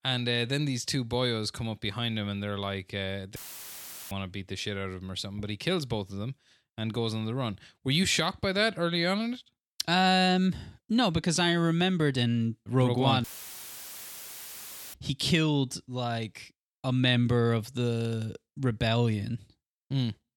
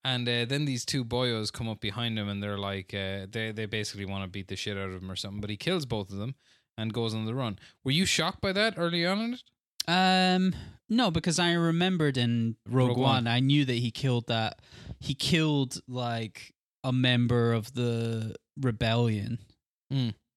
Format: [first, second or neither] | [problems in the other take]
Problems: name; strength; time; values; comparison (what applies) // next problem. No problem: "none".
second | audio cutting out; filled with static; at 3.5 s for 1 s and at 13 s for 1.5 s